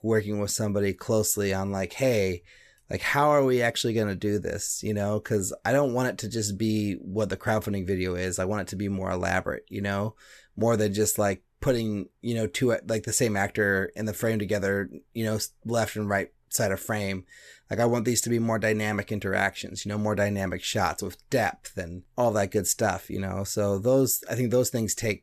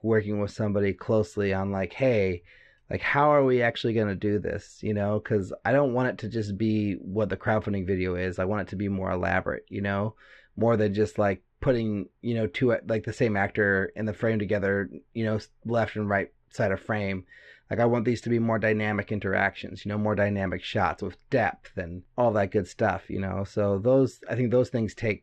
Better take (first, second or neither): first